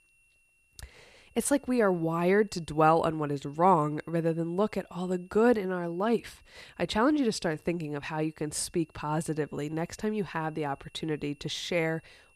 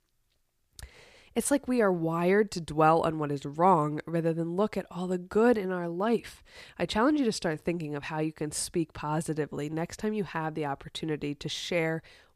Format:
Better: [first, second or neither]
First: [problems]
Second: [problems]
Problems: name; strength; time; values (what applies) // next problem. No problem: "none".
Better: second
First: high-pitched whine; faint; throughout; 2.5 kHz, 35 dB below the speech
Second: none